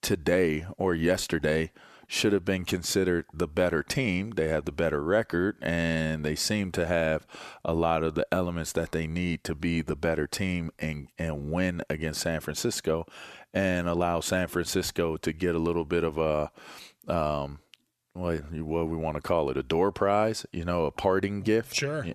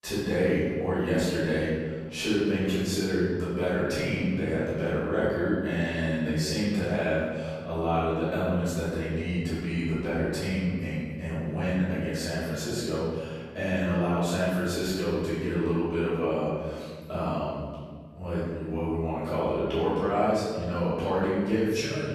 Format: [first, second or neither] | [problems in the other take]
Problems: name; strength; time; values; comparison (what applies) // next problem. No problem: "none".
first | off-mic speech; far // room echo; strong; dies away in 1.8 s